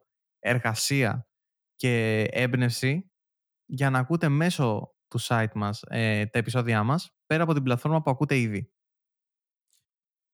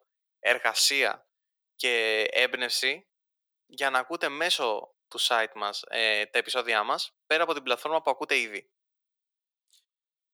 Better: first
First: none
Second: thin; very; fading below 450 Hz

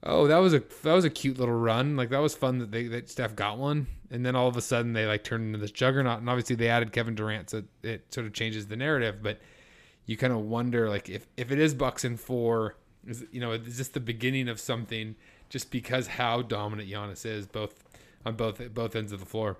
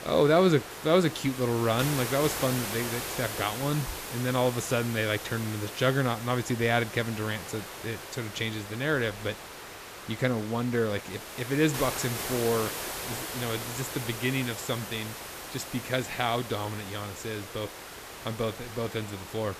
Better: first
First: none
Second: hiss; loud; throughout; 8 dB below the speech

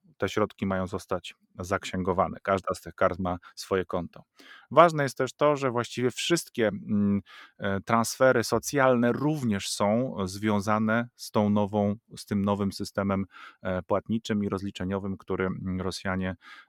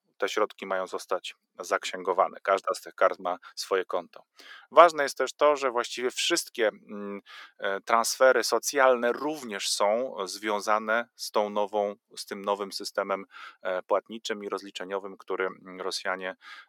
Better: first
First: none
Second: thin; very; fading below 400 Hz

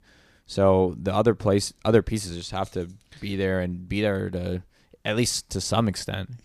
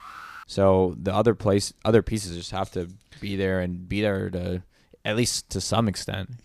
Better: first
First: none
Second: alarm; faint; at the start; peak 15 dB below the speech

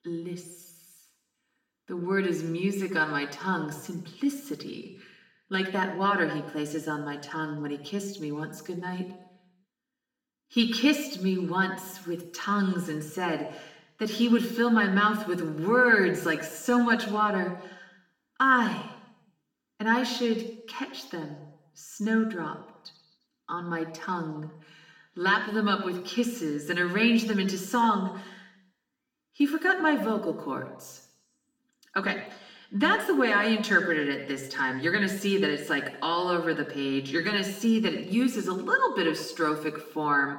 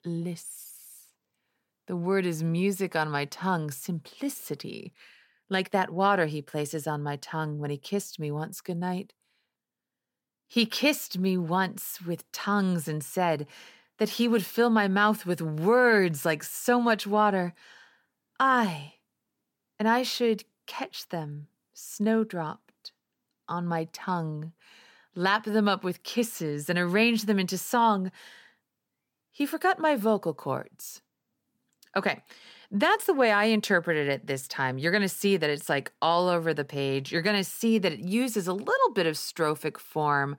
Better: second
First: room echo; slight; dies away in 0.8 s // off-mic speech; far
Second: none

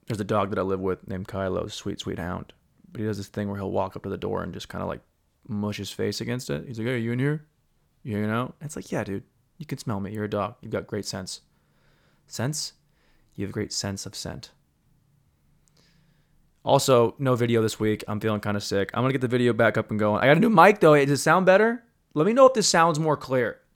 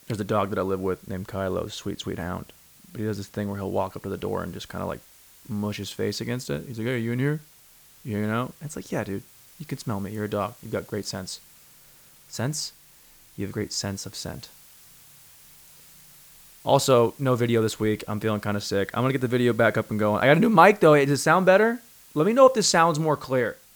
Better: first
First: none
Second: hiss; faint; throughout; 25 dB below the speech

